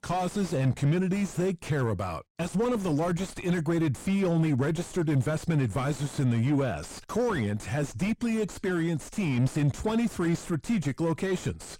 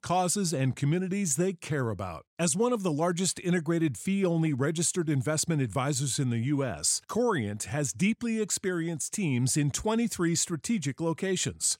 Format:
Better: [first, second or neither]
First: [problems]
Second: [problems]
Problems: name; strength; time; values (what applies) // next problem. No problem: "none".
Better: second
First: distortion; heavy; 5 dB below the speech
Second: none